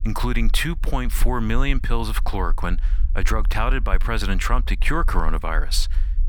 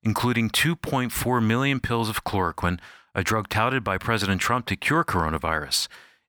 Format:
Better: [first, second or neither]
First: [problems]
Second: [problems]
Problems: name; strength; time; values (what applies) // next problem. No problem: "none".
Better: second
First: low rumble; faint; throughout; 25 dB below the speech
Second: none